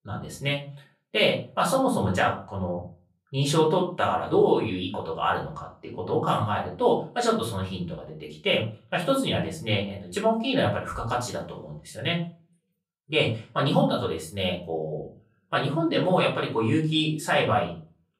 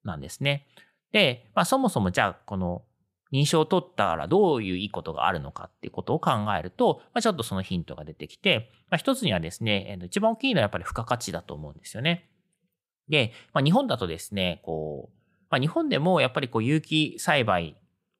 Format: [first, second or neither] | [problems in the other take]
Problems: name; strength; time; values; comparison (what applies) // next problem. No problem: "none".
second | off-mic speech; far // room echo; slight; dies away in 0.3 s